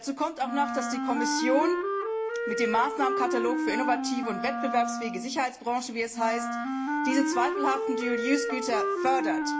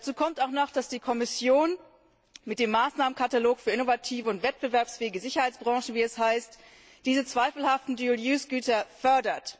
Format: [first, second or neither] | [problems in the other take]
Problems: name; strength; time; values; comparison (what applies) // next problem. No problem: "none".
second | background sound (Wind instrument, woodwind instrument); 1 dB below the speech // room echo; dies away in 0.4 s